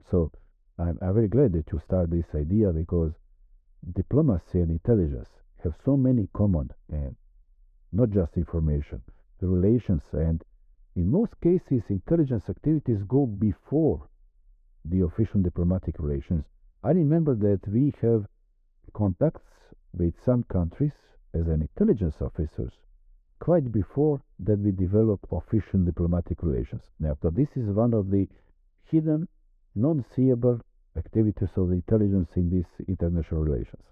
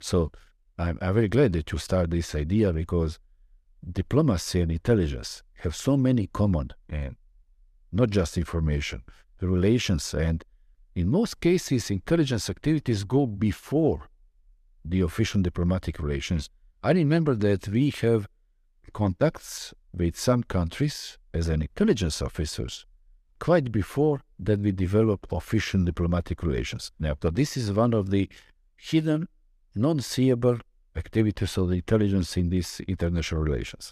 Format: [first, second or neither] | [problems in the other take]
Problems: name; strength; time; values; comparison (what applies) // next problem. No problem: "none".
second | muffled; very; fading above 2 kHz